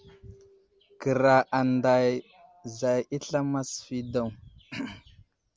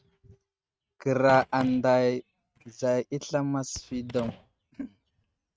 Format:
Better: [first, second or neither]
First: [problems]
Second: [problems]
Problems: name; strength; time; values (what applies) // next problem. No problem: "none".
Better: first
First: none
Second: noise reduction (neural mask model RNNoise)